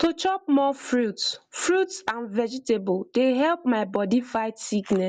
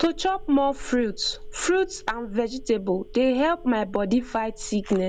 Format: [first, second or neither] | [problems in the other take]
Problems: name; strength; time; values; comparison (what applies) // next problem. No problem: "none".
first | background sound (Telephone); 15 dB below the speech